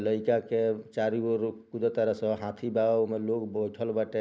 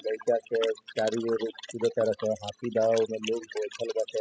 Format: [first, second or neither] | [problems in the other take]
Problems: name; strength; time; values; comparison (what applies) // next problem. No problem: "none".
first | noise reduction (classical method spectral subtraction)